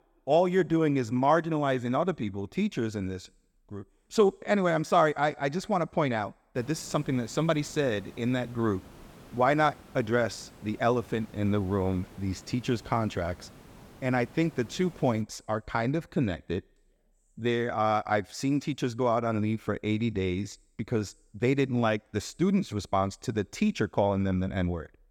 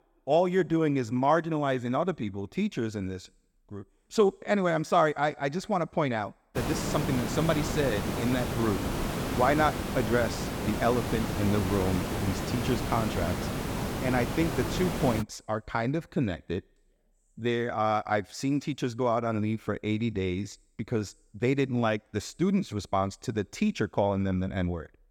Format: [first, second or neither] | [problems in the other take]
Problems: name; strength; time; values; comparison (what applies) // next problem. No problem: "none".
first | hiss; loud; from 6.5 to 15 s; 3 dB below the speech; faint in the first